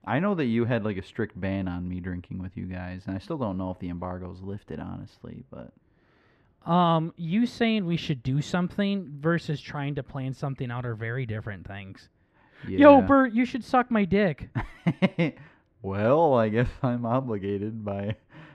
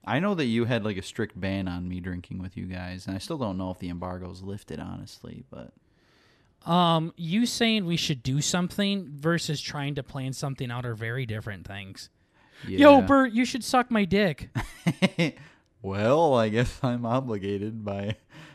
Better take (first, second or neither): second